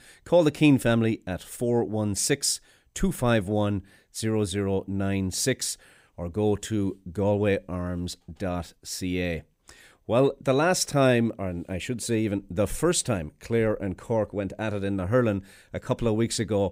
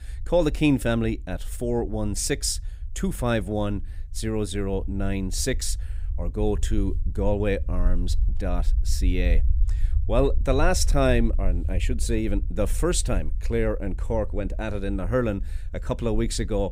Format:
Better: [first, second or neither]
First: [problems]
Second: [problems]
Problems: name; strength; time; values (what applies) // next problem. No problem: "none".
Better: first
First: none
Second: low rumble; faint; throughout; 25 dB below the speech